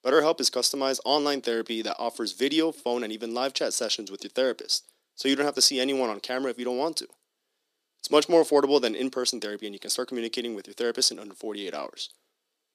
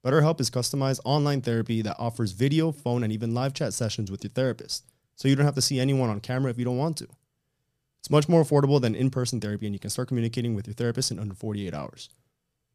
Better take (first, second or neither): second